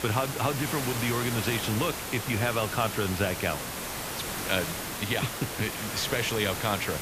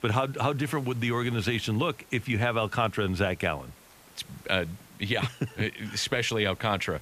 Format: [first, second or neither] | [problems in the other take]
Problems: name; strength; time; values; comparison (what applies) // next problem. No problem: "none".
second | hiss; loud; throughout; 3 dB below the speech; faint in the second